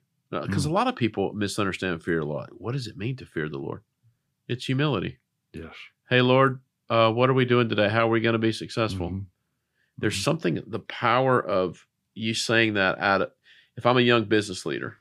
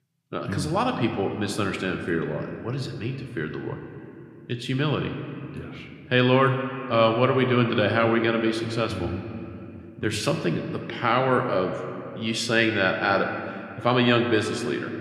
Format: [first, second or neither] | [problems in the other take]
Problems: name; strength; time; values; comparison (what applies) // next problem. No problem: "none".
first | room echo; slight; dies away in 2.3 s